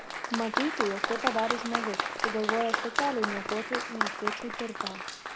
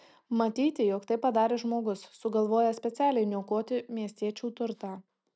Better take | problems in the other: second | background sound (Applause); 1 dB above the speech

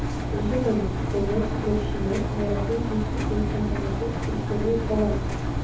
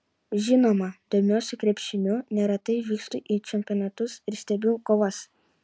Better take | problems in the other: second | background sound (Engine); 2 dB above the speech // room echo; dies away in 0.6 s

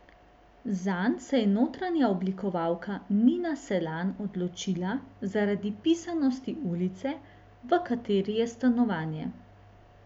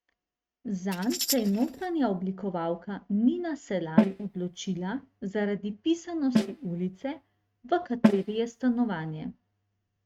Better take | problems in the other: first | noise reduction (neural mask model RNNoise)

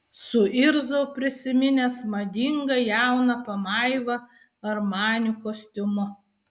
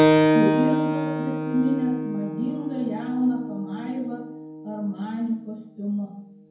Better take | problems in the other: first | background sound (Keyboard (musical)); 2 dB above the speech // room echo; dies away in 0.9 s

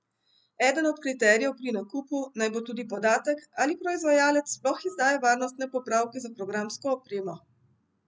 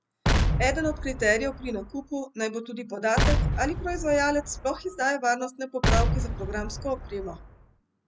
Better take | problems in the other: first | background sound (Explosion); 1 dB above the speech

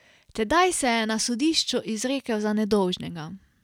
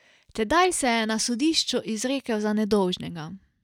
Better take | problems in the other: first | noise reduction (neural mask model DeepFilterNet 3)

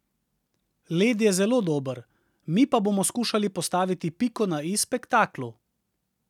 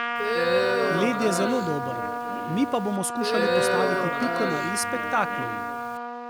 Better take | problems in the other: first | background sound (Trumpet + Crowd); 3 dB above the speech

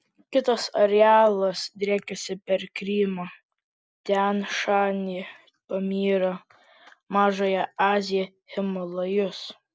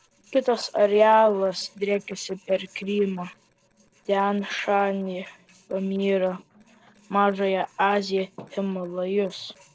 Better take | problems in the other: first | noise reduction (neural separator model SepFormer DNS4)

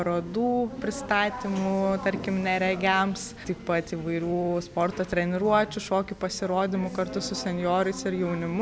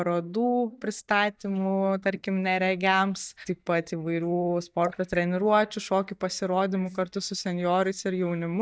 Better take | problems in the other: first | noise reduction (neural mask model DeepFilterNet 3)

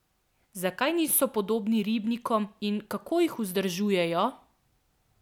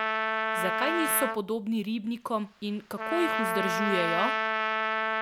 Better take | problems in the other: first | background sound (Trumpet); 2 dB above the speech

